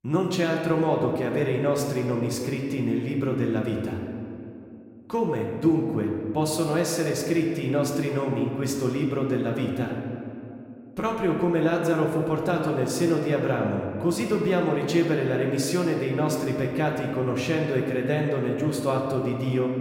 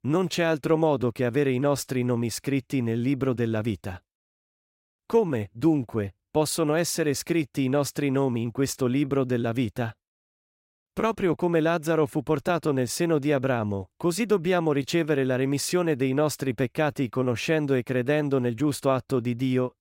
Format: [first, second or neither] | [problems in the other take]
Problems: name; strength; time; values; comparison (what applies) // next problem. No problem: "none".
second | room echo; noticeable; dies away in 2 s // off-mic speech; somewhat distant